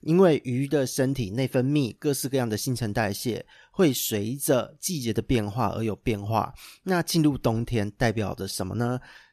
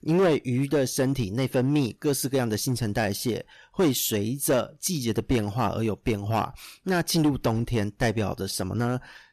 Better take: first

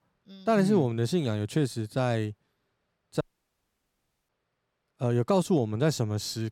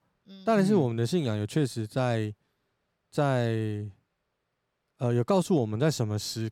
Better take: second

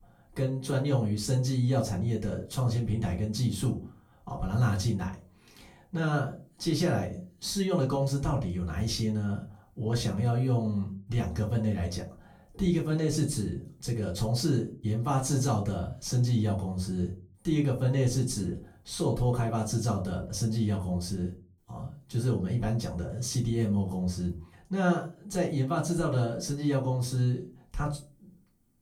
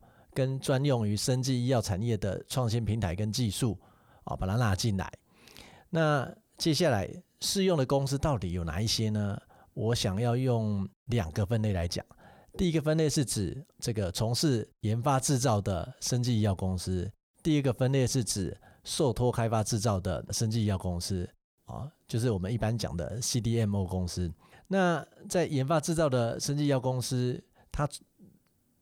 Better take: second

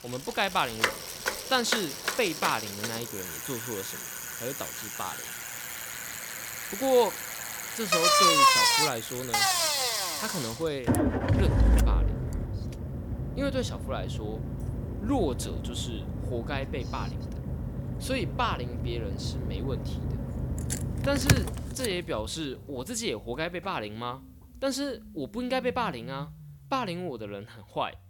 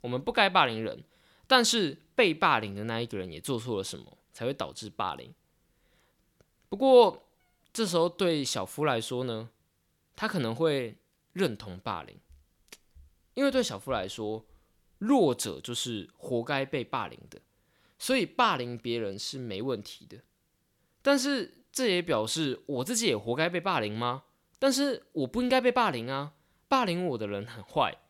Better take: second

